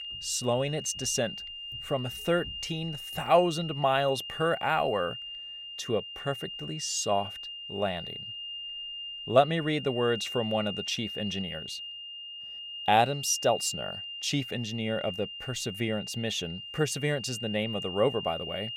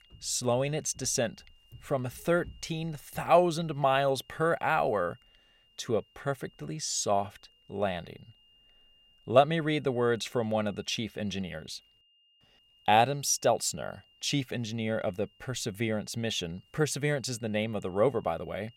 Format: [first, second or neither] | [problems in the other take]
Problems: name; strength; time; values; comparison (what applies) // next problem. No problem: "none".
second | high-pitched whine; loud; throughout; 3 kHz, 8 dB below the speech; faint in the second